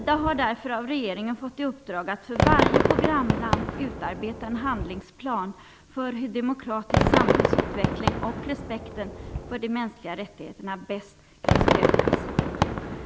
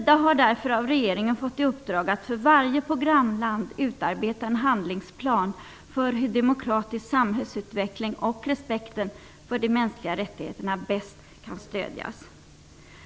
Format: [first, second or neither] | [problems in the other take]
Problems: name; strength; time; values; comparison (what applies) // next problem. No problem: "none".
second | background sound (Fireworks); 3 dB above the speech